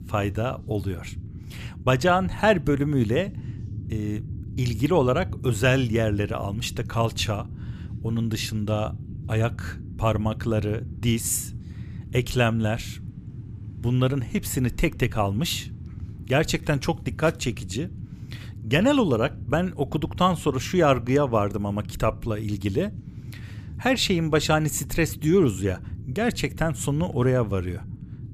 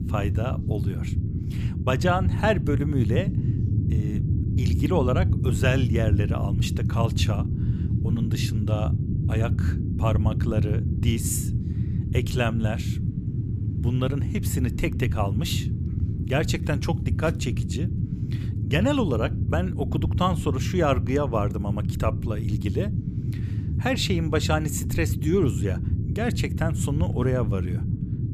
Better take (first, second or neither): first